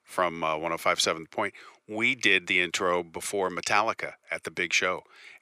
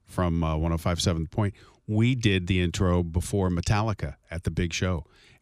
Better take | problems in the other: second | thin; very; fading below 550 Hz

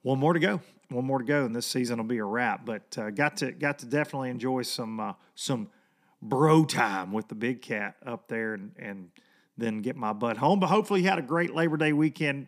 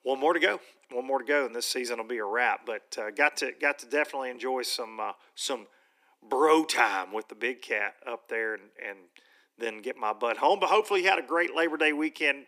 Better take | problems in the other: first | thin; very; fading below 350 Hz

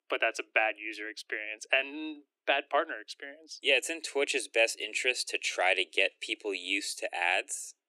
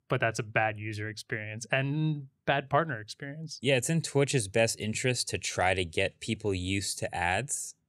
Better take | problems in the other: second | thin; very; fading below 300 Hz

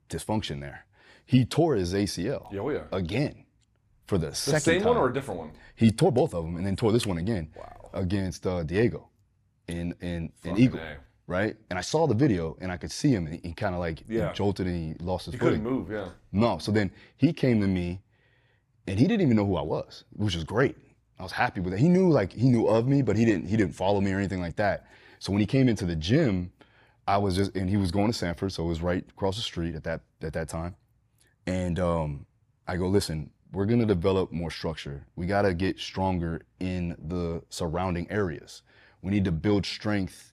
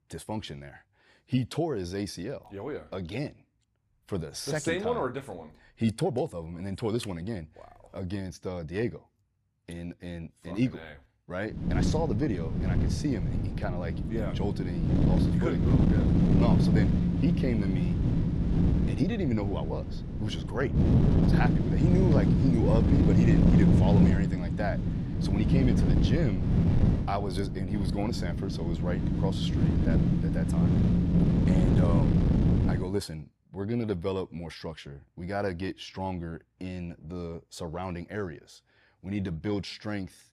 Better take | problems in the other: first | wind noise on the microphone; heavy; from 12 to 33 s; 1 dB above the speech

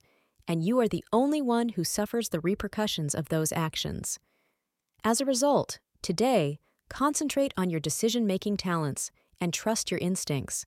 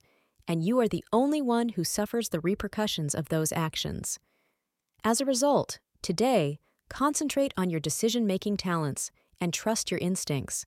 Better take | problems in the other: neither | none

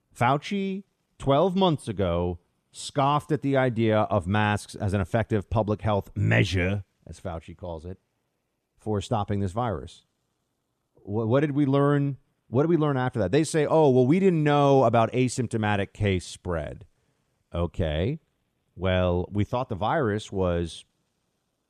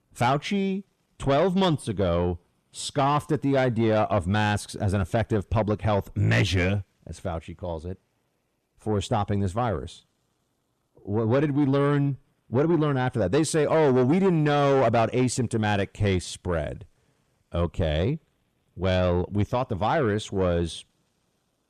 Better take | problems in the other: first | distortion; slight; 10 dB below the speech

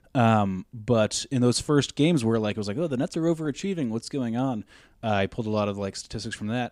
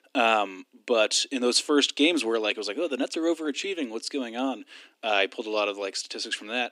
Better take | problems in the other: first | thin; very slightly; fading below 250 Hz

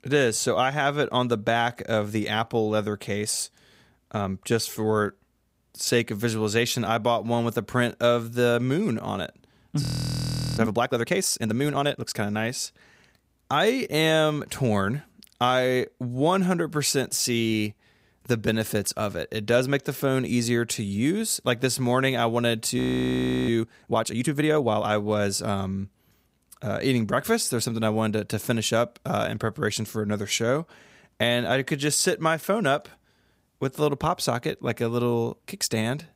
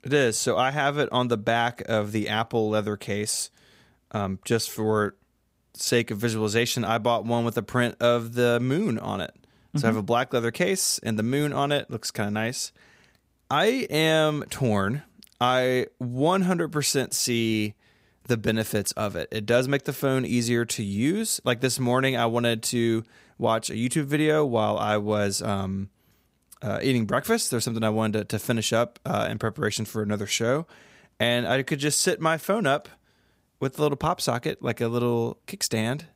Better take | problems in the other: second | audio freezing; at 10 s for 1 s and at 23 s for 0.5 s

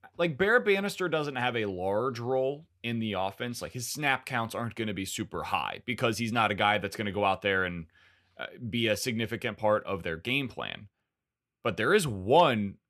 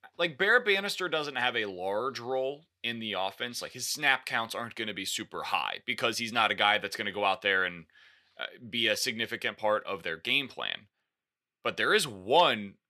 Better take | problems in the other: first | thin; very slightly; fading below 500 Hz

